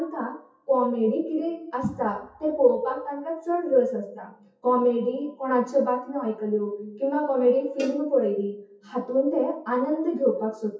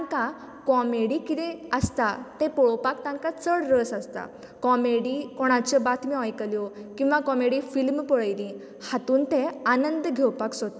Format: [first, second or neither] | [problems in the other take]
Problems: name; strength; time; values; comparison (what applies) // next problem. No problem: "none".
second | noise reduction (classical method WPE with log-MMSE)